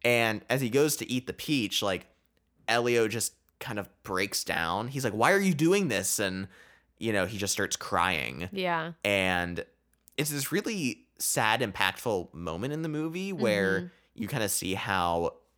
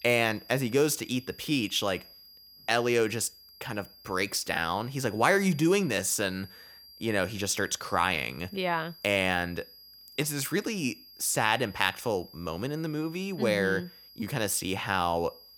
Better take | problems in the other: first | high-pitched whine; faint; throughout; 5 kHz, 20 dB below the speech

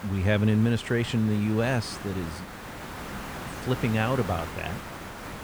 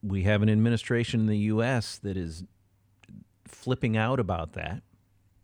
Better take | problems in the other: second | hiss; noticeable; throughout; 10 dB below the speech

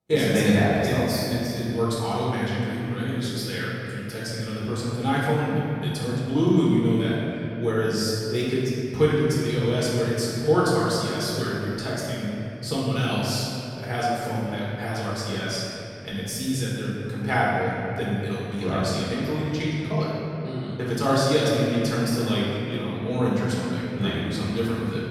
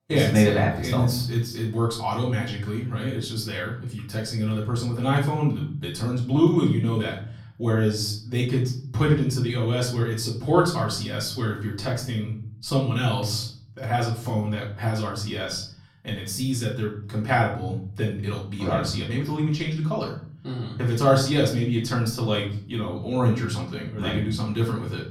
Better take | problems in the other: second | room echo; strong; dies away in 2.6 s; slight in the second // off-mic speech; far; far in the second

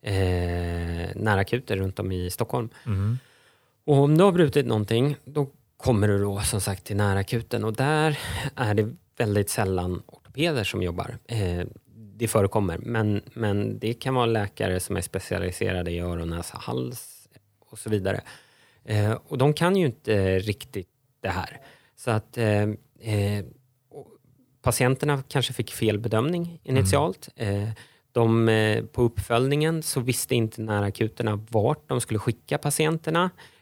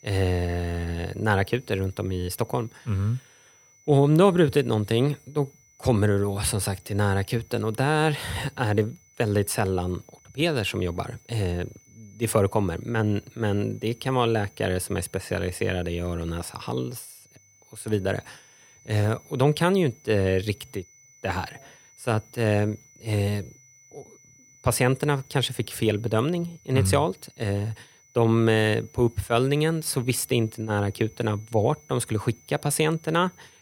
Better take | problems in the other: first | high-pitched whine; faint; throughout; 6 kHz, 30 dB below the speech

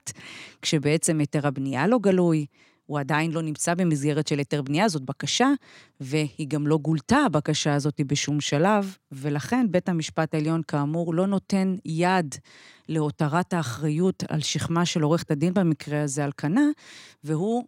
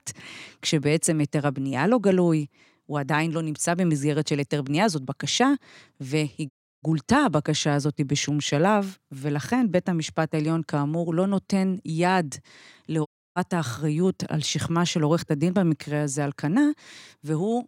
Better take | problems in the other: first | audio cutting out; at 6.5 s and at 13 s

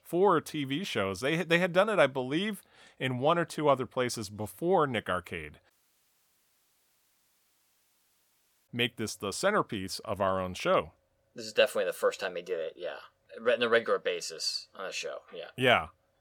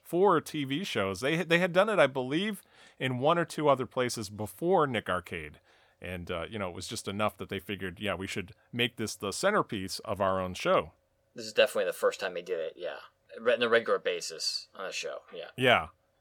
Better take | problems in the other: second | audio cutting out; at 5.5 s for 3 s

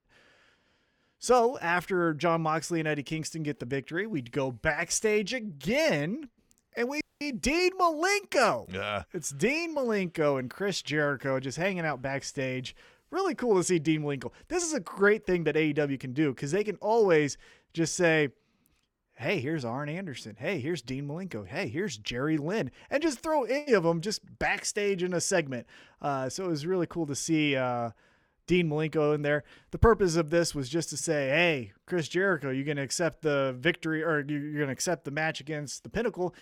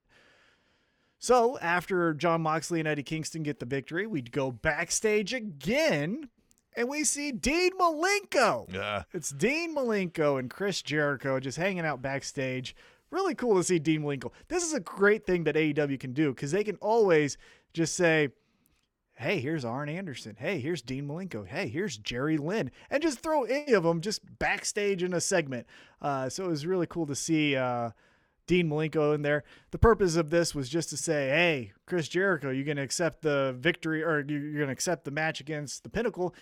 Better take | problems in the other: second | audio cutting out; at 7 s

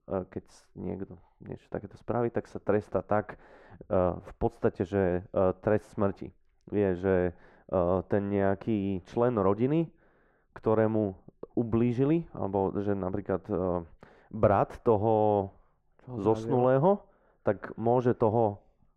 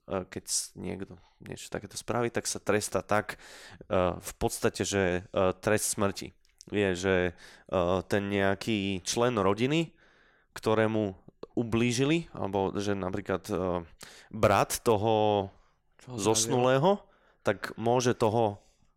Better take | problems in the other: second | muffled; very; fading above 3 kHz

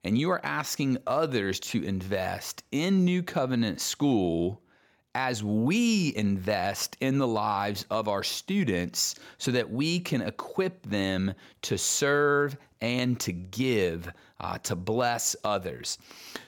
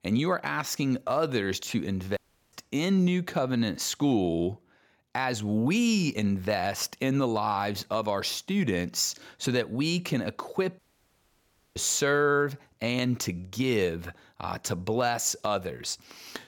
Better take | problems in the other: first | audio cutting out; at 2 s and at 11 s for 1 s

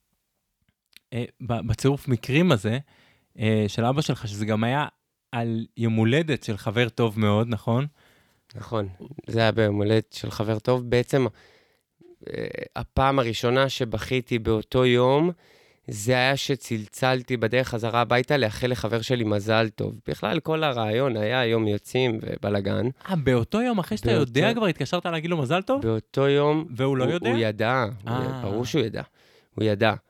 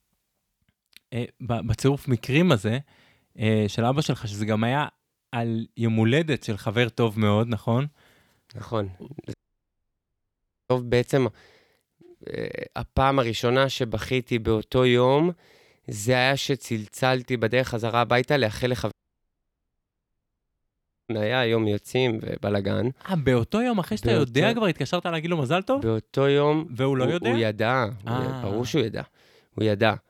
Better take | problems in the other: first | audio cutting out; at 9.5 s for 1.5 s and at 19 s for 2 s

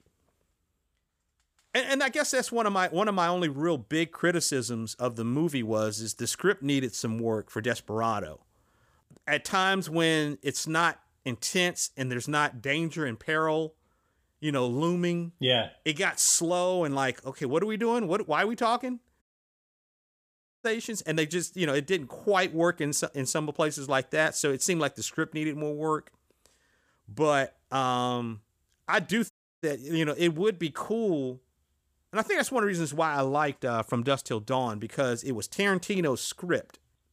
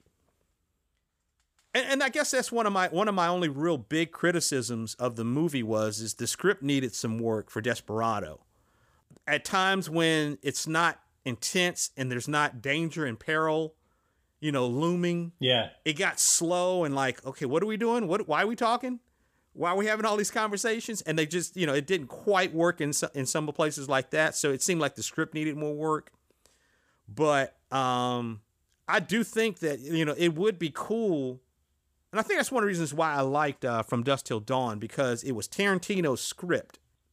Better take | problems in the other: second | audio cutting out; at 19 s for 1.5 s and at 29 s

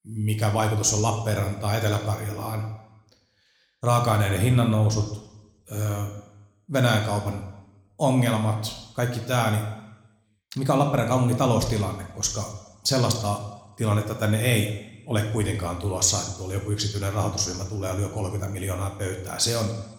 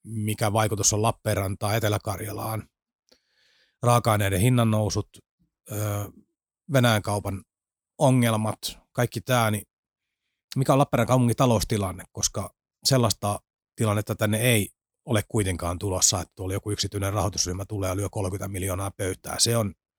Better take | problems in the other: second | room echo; slight; dies away in 0.9 s

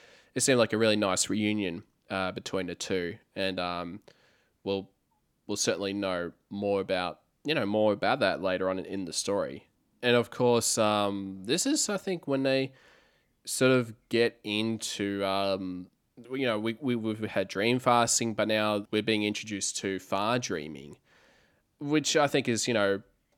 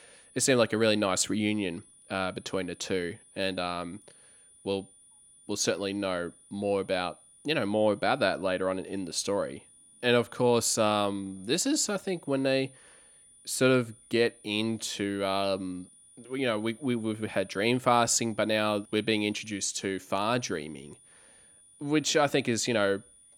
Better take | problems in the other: first | high-pitched whine; faint; throughout; 9.5 kHz, 25 dB below the speech

